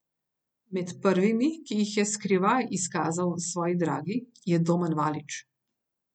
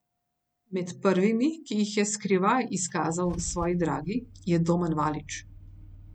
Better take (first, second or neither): first